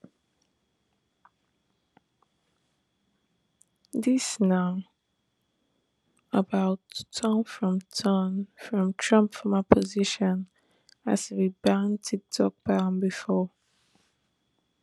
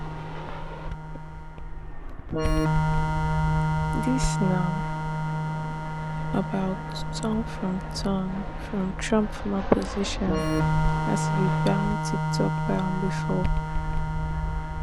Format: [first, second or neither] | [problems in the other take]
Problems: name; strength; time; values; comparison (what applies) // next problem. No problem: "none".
first | background sound (Fixed-wing aircraft, airplane + Organ); 4 dB above the speech